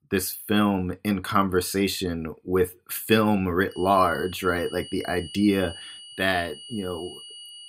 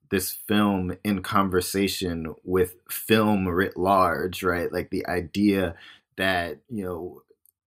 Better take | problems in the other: second | high-pitched whine; noticeable; from 3.5 s on; 3 kHz, 15 dB below the speech

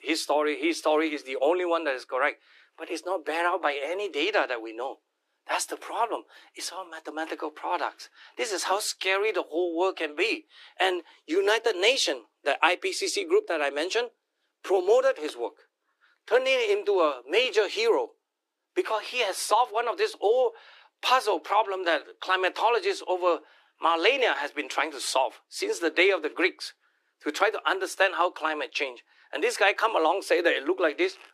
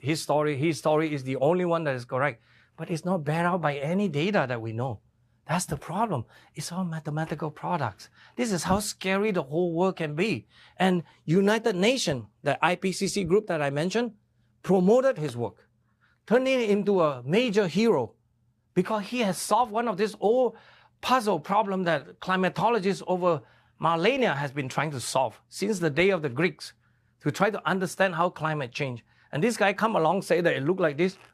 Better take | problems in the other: second | thin; very; fading below 300 Hz

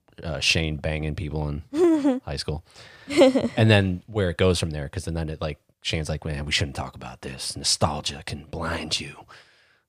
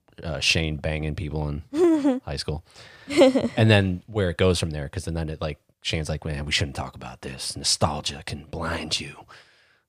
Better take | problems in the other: neither | none

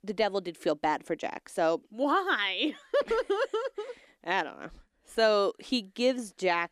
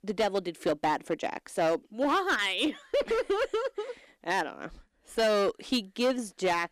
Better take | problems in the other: first | distortion; slight; 8% of the sound clipped

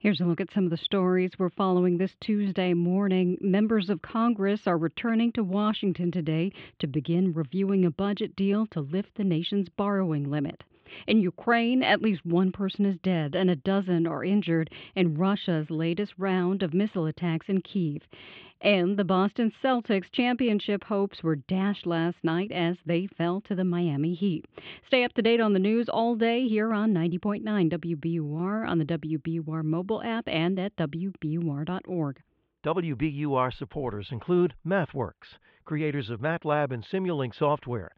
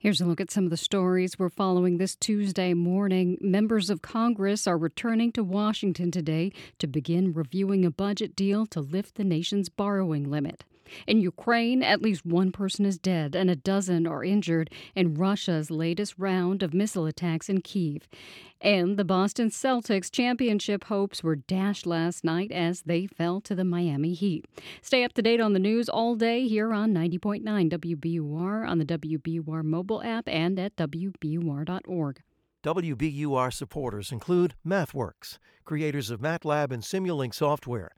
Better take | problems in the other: second | muffled; very; fading above 3.5 kHz

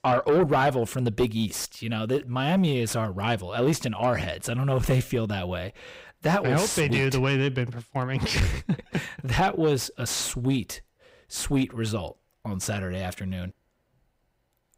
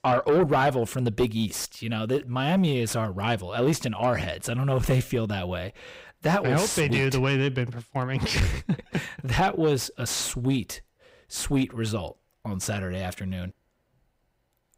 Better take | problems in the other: neither | distortion; slight; 10 dB below the speech; the same in both

